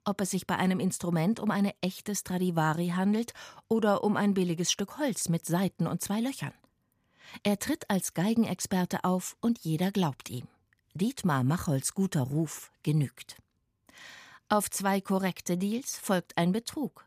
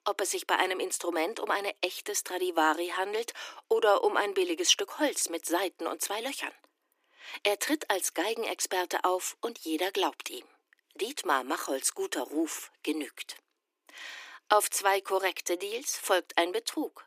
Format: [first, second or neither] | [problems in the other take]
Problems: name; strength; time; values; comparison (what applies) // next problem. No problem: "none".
first | thin; very; fading below 300 Hz